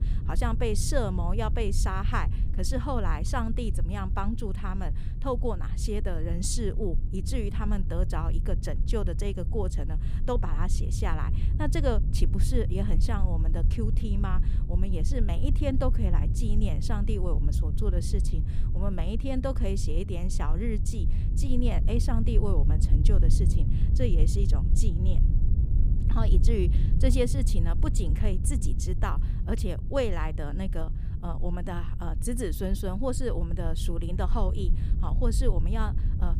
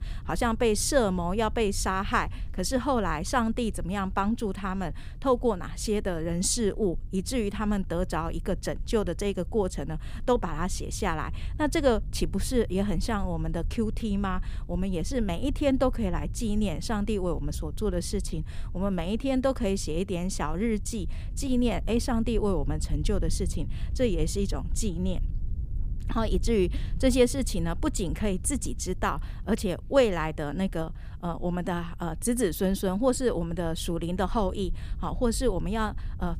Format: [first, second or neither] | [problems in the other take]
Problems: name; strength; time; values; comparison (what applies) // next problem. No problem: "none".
second | low rumble; loud; throughout; 10 dB below the speech; faint in the second